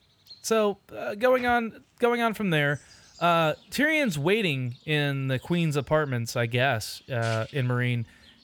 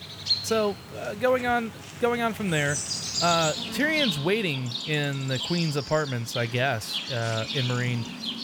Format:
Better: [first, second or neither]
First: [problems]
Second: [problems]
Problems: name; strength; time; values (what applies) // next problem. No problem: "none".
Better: first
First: animal sounds; faint; throughout; 30 dB below the speech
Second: animal sounds; loud; throughout; 4 dB below the speech